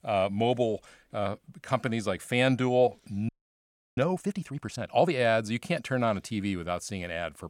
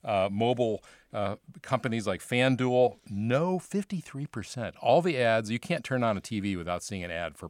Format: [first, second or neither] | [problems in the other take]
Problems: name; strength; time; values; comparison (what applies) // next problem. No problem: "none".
second | audio freezing; at 3.5 s for 0.5 s